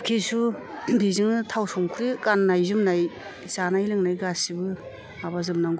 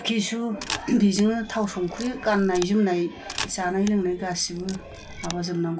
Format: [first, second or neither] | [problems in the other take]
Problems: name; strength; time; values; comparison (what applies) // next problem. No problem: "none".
first | background sound (Camera); 13 dB below the speech // room echo; dies away in 0.2 s